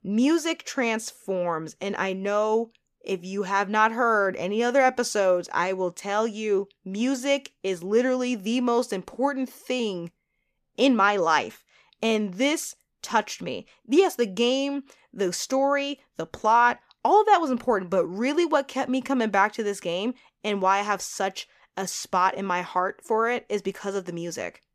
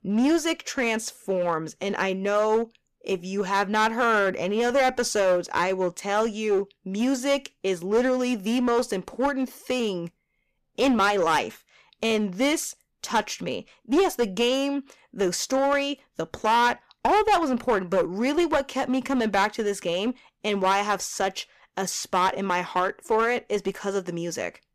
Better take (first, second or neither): first